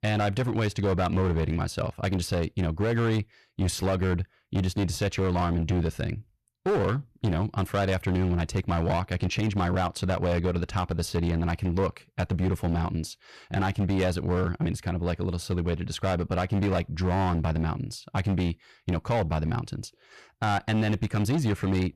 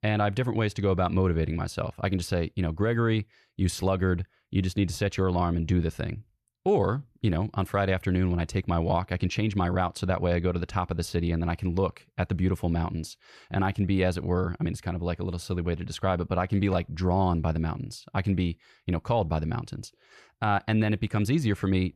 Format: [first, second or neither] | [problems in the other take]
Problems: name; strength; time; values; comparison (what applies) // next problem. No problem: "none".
second | distortion; slight; 13% of the sound clipped